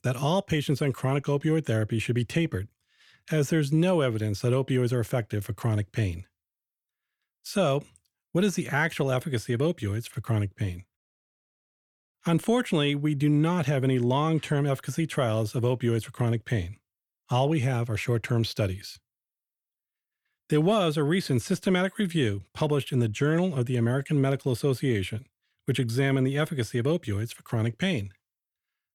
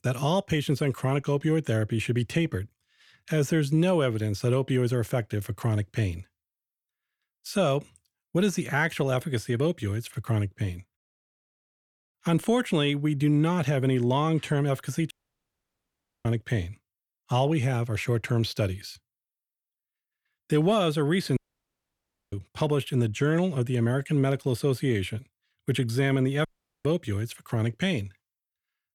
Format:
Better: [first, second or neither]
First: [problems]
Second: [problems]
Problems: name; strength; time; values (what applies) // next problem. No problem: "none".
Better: first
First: none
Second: audio cutting out; at 15 s for 1 s, at 21 s for 1 s and at 26 s